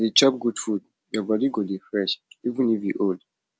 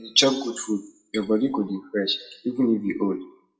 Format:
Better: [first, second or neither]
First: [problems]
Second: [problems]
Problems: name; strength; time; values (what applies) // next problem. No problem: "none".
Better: first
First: none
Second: noise reduction (classical method WPE with log-MMSE)